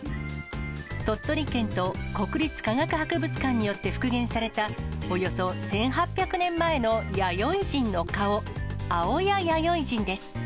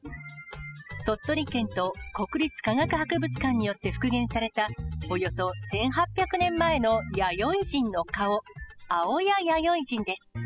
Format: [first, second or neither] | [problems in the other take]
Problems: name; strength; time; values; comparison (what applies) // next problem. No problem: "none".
first | noise reduction (classical method spectral subtraction)